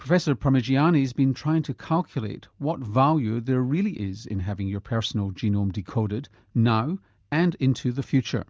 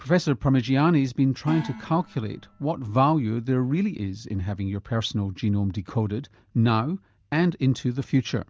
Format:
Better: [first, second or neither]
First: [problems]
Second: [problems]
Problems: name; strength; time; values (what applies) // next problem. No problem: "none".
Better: first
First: none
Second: background sound (Gong); 17 dB below the speech